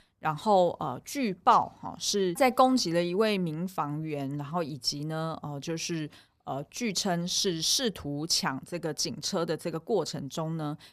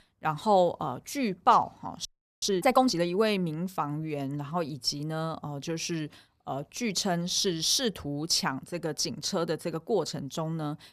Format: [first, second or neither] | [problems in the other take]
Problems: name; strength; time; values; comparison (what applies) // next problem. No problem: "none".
first | audio freezing; at 2 s